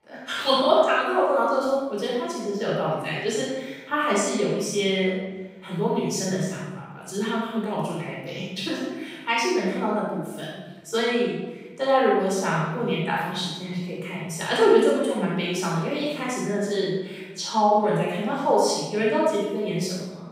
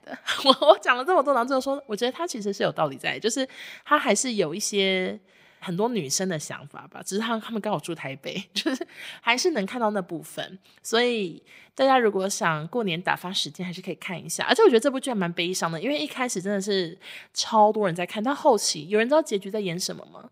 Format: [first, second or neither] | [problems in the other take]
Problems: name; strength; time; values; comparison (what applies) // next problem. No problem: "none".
second | off-mic speech; far // room echo; strong; dies away in 1.1 s